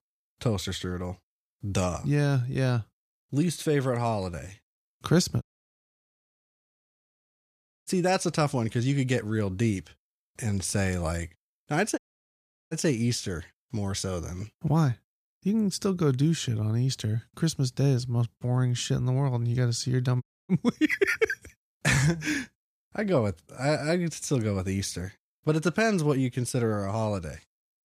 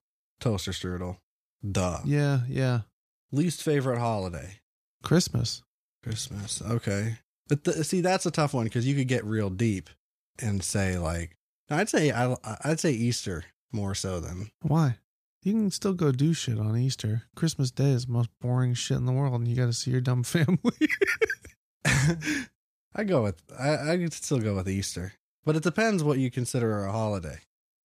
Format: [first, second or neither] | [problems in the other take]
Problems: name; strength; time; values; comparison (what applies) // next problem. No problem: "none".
second | audio cutting out; at 5.5 s for 2.5 s, at 12 s for 0.5 s and at 20 s